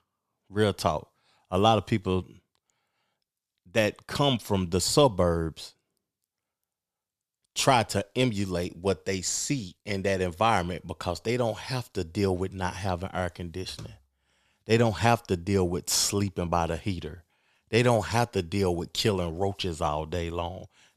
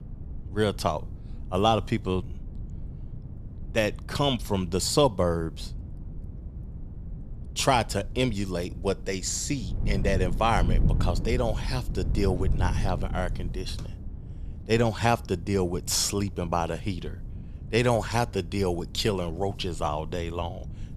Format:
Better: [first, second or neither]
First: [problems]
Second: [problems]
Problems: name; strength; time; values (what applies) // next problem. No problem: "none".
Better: first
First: none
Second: wind noise on the microphone; occasional gusts; 20 dB below the speech